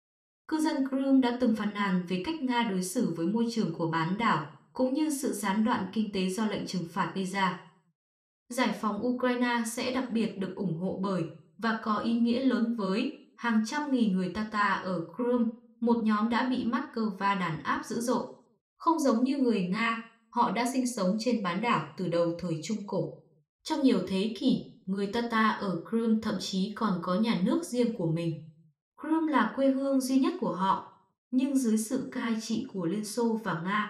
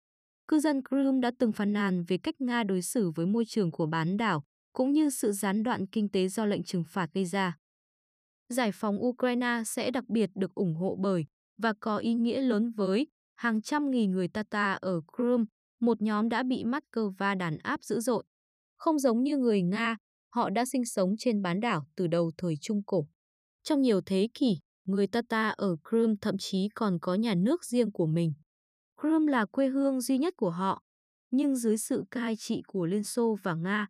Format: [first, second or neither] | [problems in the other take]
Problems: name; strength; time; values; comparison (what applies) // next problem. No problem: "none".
second | room echo; slight; dies away in 0.4 s // off-mic speech; somewhat distant